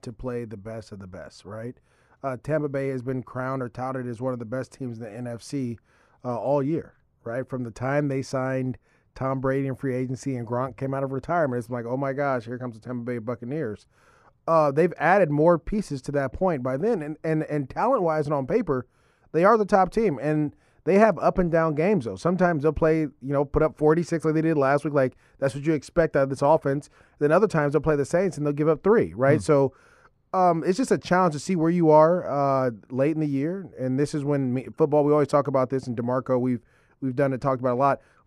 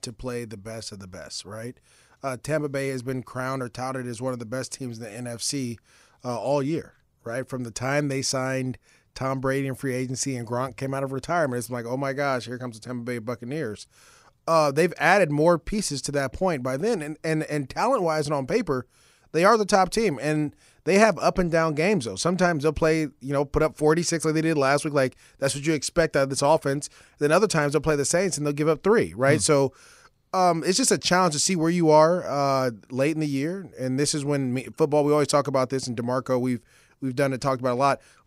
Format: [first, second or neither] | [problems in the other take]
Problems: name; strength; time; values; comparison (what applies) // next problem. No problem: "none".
second | muffled; very; fading above 2.5 kHz